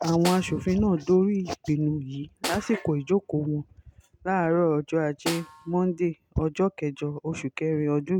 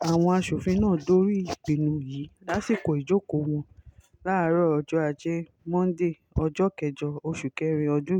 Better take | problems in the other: second | background sound (Snare drum); 15 dB below the speech

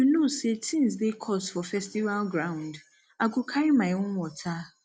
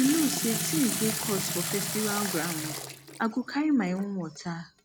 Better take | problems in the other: first | background sound (Sink (filling or washing) / Water tap, faucet); 4 dB below the speech

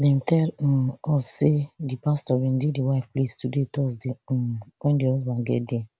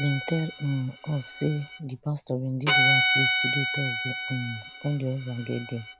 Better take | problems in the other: first | background sound (Bowed string instrument); 1 dB above the speech

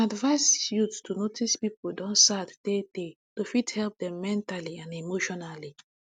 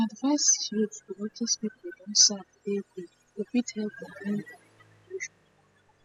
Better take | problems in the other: first | noise reduction (classical method spectral subtraction)

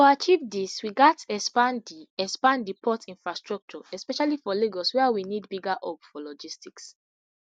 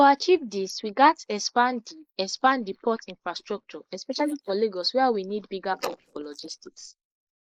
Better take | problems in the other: first | noise reduction (neural mask model Resemble Enhance denoiser)

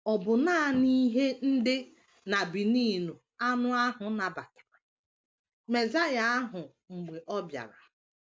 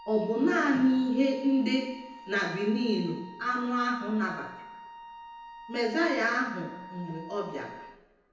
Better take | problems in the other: first | background sound (Wind instrument, woodwind instrument); 17 dB below the speech // room echo; dies away in 0.9 s

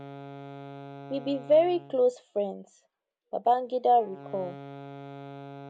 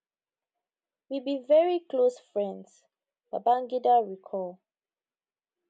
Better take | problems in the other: second | background sound (Wind instrument, woodwind instrument); 16 dB below the speech

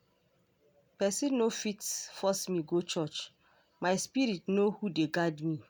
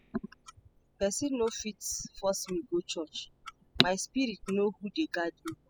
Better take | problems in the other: first | noise reduction (classical method spectral subtraction)

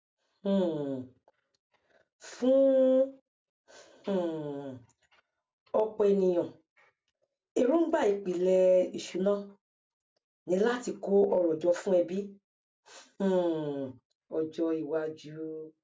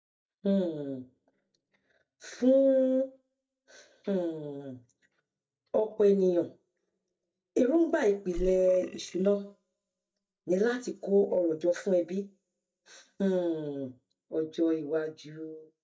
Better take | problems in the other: first | noise reduction (neural mask model DeepFilterNet 3)

